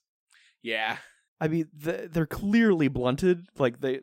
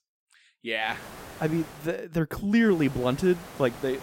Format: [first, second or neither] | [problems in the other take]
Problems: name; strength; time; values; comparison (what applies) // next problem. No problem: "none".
first | hiss; noticeable; at 1 s and from 2.5 s on; 15 dB below the speech